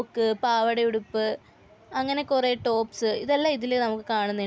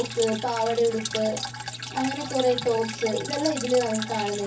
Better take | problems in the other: first | background sound (Drip); 8 dB below the speech // room echo; dies away in 0.3 s

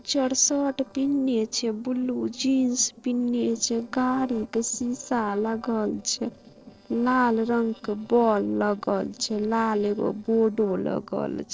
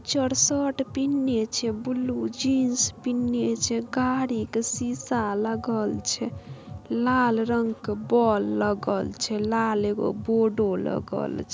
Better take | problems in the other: second | noise reduction (neural separator model SepFormer DNS4)

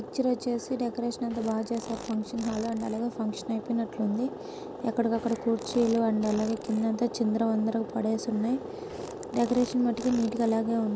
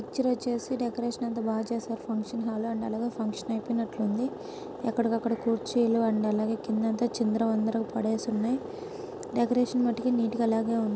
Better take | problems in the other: second | background sound (Fart); 18 dB below the speech

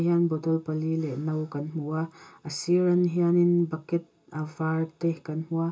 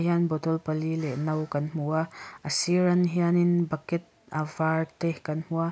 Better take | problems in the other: second | room echo; dies away in 0.2 s

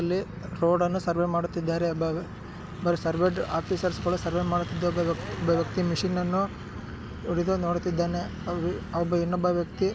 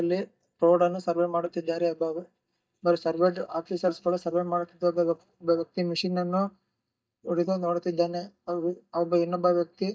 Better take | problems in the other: first | noise reduction (neural mask model DeepFilterNet 3)

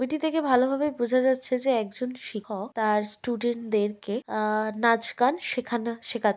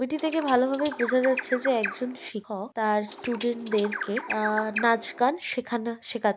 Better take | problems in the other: first | background sound (Bird); 9 dB below the speech

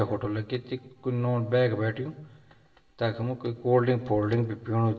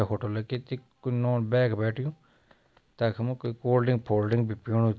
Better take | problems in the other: second | room echo; dies away in 0.8 s

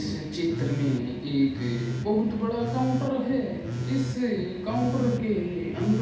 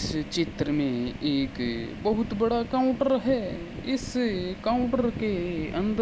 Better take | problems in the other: second | background sound (Telephone); 7 dB below the speech // room echo; dies away in 0.8 s

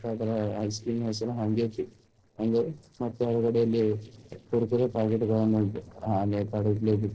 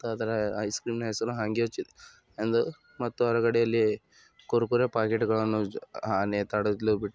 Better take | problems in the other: second | noise reduction (neural separator model SepFormer DNS4)

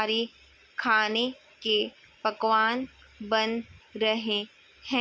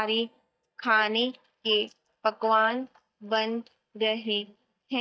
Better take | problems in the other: first | noise reduction (neural mask model DeepFilterNet 3)

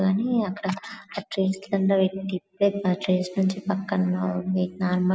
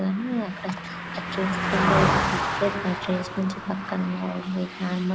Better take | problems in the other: first | background sound (Car passing by); as loud as the speech

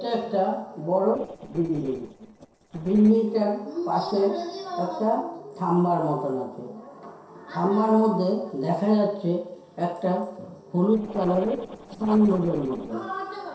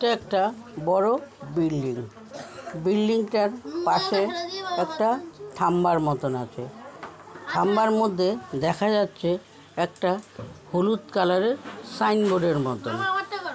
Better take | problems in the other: second | noise reduction (neural separator model SepFormer DNS4)

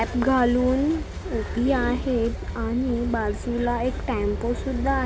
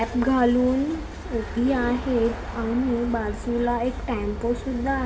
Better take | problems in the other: first | background sound (Car passing by); 19 dB below the speech // room echo; dies away in 2.1 s

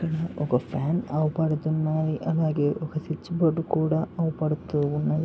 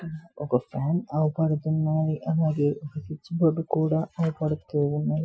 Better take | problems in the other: first | noise reduction (classical method Wiener filter)

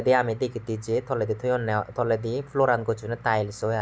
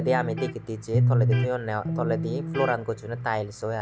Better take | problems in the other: first | background sound (Electric guitar); 1 dB above the speech

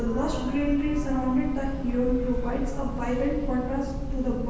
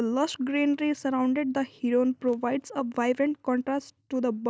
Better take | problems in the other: second | background sound (Train / Breathing); 3 dB below the speech // room echo; dies away in 1.2 s

